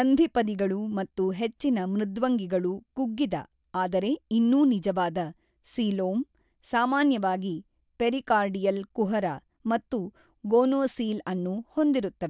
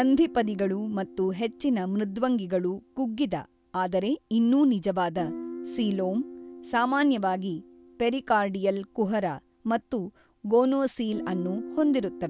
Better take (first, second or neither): first